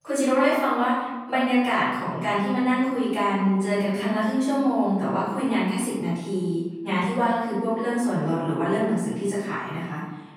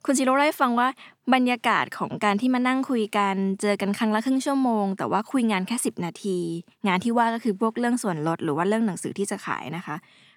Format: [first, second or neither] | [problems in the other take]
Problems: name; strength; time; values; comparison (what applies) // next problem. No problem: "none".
second | off-mic speech; far // room echo; noticeable; dies away in 1.3 s